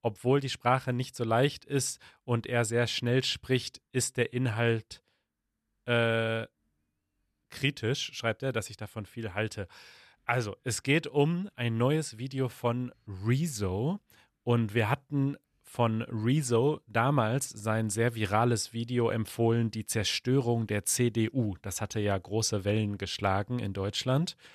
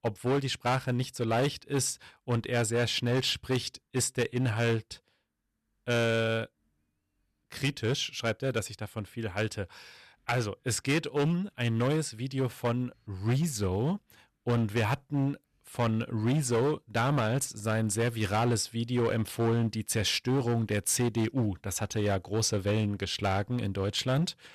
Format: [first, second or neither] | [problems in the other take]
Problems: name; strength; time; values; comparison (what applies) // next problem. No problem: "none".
first | distortion; slight; 9% of the sound clipped